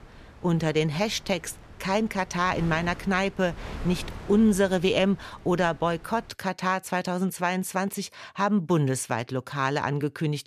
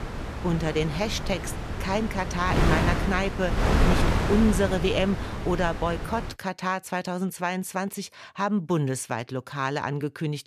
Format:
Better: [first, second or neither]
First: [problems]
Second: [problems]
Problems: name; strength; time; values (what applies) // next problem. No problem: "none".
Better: first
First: wind noise on the microphone; occasional gusts; until 6.5 s; 20 dB below the speech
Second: wind noise on the microphone; heavy; until 6.5 s; 3 dB below the speech